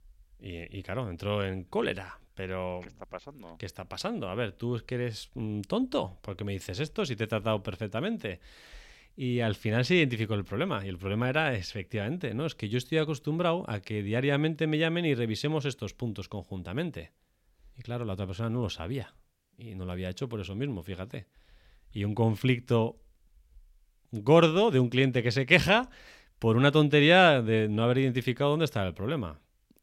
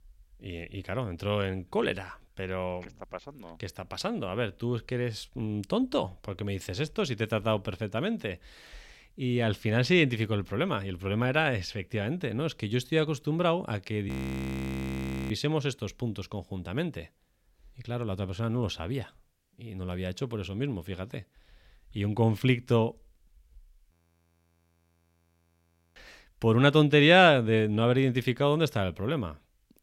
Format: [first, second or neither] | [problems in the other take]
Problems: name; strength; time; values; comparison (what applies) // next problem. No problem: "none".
first | audio freezing; at 14 s for 1 s and at 24 s for 2 s